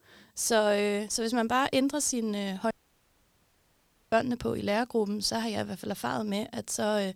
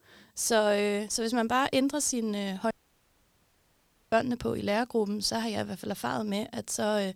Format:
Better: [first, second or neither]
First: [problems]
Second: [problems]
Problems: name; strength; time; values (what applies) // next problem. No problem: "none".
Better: neither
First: audio cutting out; at 2.5 s for 1.5 s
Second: audio cutting out; at 2.5 s for 1.5 s